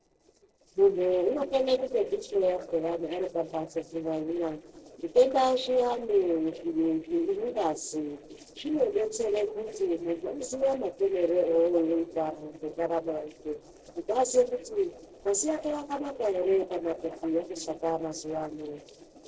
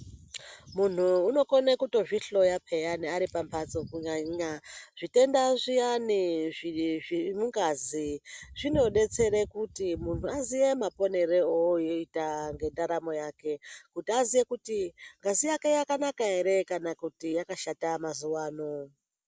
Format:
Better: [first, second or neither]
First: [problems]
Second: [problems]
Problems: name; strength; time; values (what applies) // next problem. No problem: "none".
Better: second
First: noise reduction (neural separator model SepFormer DNS4)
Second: none